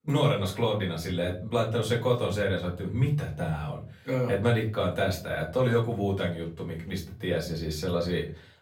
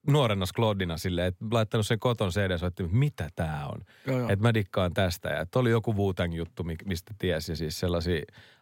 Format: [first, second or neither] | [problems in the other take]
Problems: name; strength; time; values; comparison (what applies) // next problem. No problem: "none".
second | off-mic speech; far // room echo; very slight; dies away in 0.3 s